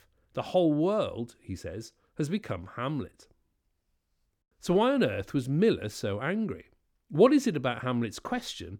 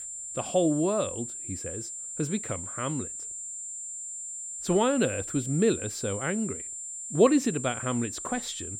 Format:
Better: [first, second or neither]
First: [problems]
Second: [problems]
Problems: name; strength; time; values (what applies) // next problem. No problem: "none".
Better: first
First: none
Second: high-pitched whine; loud; throughout; 7.5 kHz, 7 dB below the speech